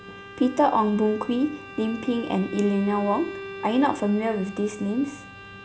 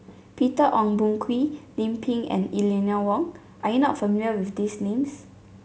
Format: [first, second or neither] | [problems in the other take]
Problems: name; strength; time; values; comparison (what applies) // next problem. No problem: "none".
second | background sound (Bowed string instrument); 14 dB below the speech